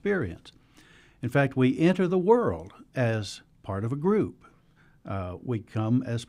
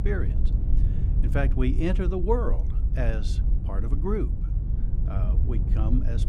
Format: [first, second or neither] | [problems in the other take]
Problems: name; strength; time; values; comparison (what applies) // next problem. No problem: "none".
first | low rumble; noticeable; throughout; 10 dB below the speech